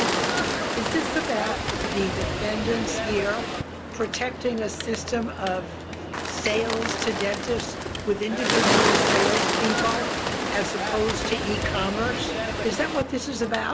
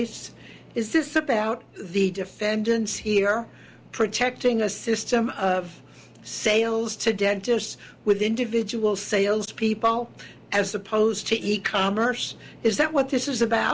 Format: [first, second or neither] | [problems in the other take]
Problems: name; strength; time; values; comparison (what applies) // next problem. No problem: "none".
second | background sound (Bird); 2 dB above the speech